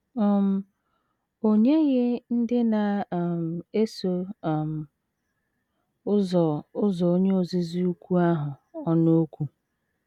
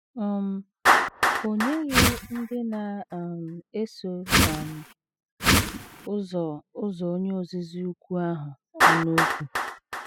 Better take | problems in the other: first | noise reduction (classical method spectral subtraction)

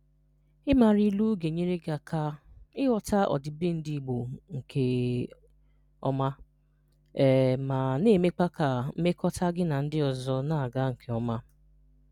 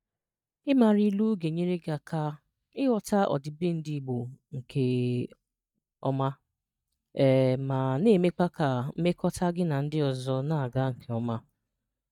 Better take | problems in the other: first | noise reduction (neural mask model DeepFilterNet 3)

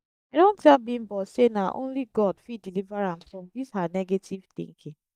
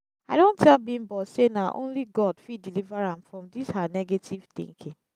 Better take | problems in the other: second | noise reduction (neural mask model DeepFilterNet 3)

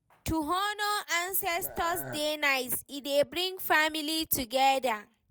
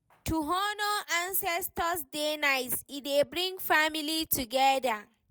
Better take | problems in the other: second | background sound (Burping, eructation); 14 dB below the speech

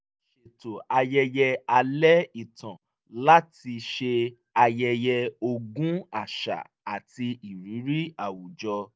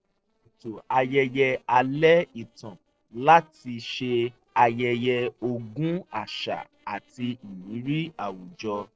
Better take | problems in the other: first | noise reduction (neural separator model SepFormer DNS4)

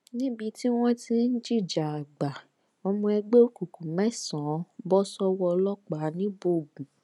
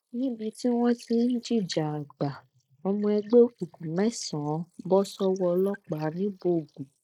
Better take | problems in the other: first | noise reduction (neural mask model Resemble Enhance denoiser)

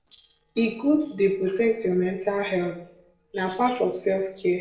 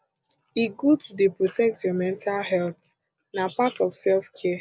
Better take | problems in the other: second | noise reduction (neural separator model SepFormer DNS4)

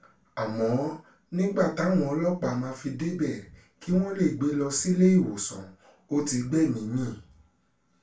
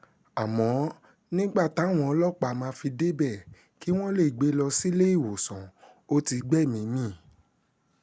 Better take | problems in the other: second | room echo; dies away in 0.3 s

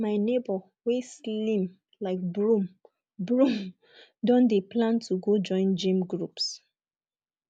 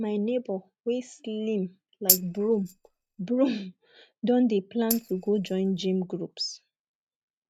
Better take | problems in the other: first | noise reduction (neural mask model RNNoise)

